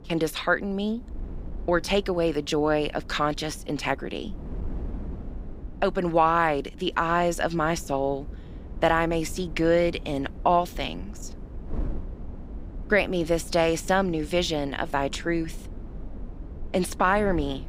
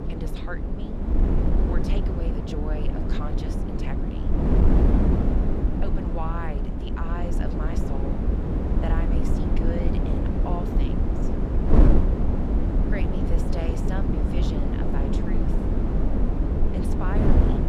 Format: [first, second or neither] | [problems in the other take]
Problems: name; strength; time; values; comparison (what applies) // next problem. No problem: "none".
first | wind noise on the microphone; heavy; 4 dB above the speech; occasional gusts in the first